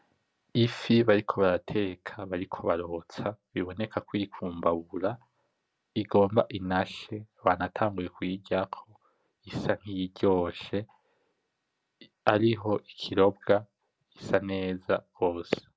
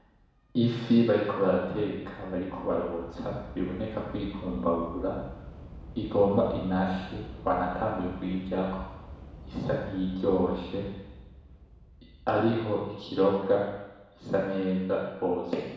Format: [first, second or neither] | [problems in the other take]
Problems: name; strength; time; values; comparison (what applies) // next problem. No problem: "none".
first | background sound (Subway, metro, underground / Train); 17 dB below the speech // room echo; dies away in 1.1 s